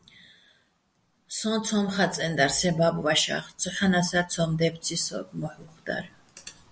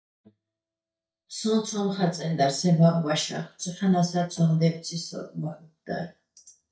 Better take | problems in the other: first | noise reduction (neural mask model DeepFilterNet 3)

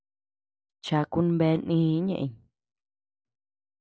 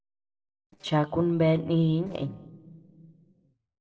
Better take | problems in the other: first | noise reduction (neural separator model SepFormer DNS4)

